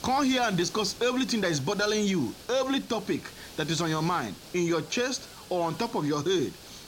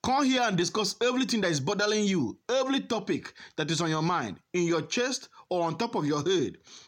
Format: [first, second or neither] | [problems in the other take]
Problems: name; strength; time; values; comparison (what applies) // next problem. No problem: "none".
second | hiss; noticeable; throughout; 15 dB below the speech